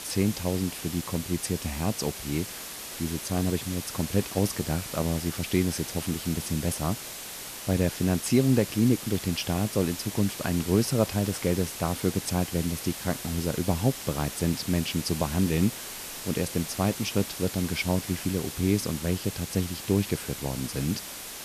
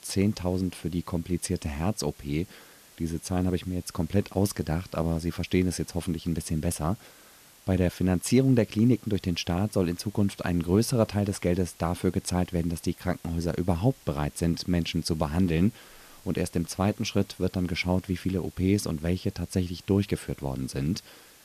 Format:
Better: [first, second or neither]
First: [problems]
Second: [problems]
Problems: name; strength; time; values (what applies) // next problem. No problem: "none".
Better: second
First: hiss; loud; throughout; 8 dB below the speech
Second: hiss; faint; throughout; 25 dB below the speech